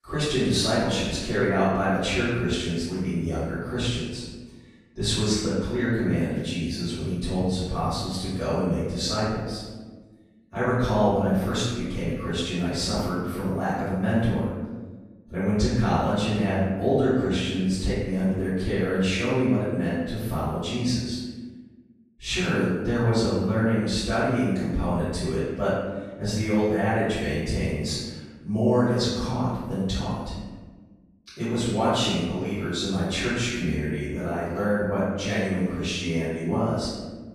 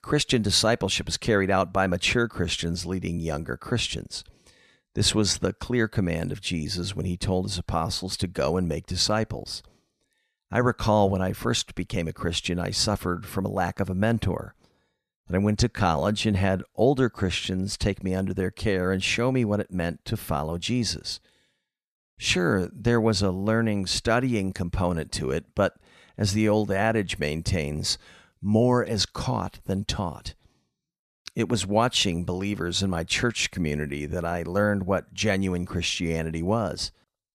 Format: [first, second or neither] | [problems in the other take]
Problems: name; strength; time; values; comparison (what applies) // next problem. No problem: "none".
second | off-mic speech; far // room echo; strong; dies away in 1.3 s